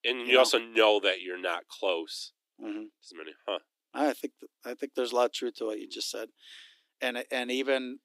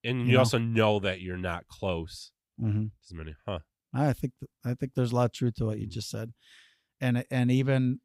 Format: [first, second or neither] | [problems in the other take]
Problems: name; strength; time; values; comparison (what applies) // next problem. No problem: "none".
second | thin; very; fading below 300 Hz